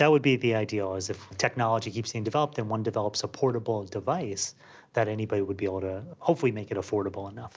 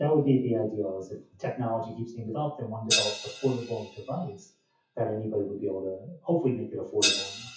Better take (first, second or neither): first